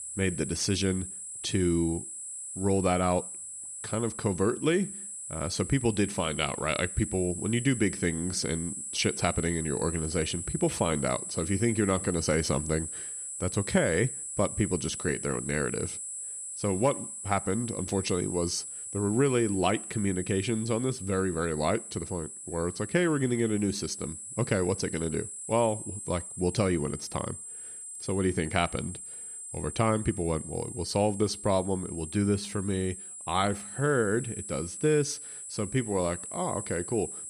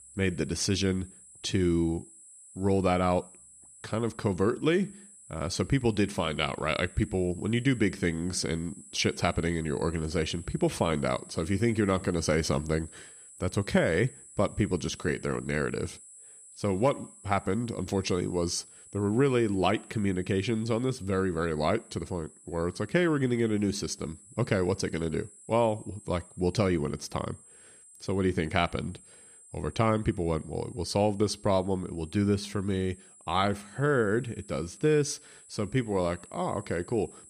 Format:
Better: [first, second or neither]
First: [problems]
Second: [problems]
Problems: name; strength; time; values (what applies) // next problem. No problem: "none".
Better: second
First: high-pitched whine; loud; throughout; 8 kHz, 7 dB below the speech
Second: high-pitched whine; faint; throughout; 8 kHz, 20 dB below the speech